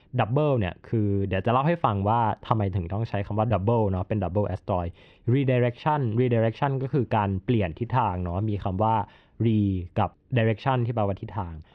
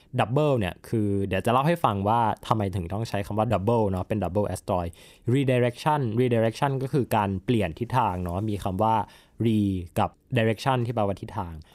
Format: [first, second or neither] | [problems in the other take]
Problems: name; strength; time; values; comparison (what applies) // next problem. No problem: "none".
second | muffled; slightly; fading above 3 kHz